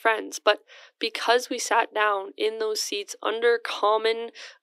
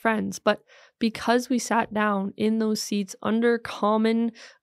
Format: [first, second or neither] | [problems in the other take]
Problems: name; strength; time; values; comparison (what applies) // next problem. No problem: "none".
second | thin; very; fading below 300 Hz